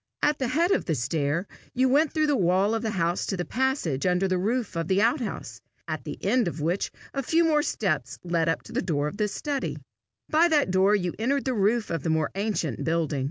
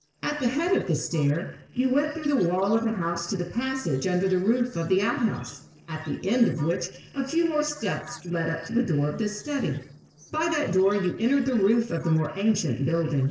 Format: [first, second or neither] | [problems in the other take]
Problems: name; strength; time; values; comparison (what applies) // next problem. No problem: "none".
first | noise reduction (neural separator model SepFormer DNS4)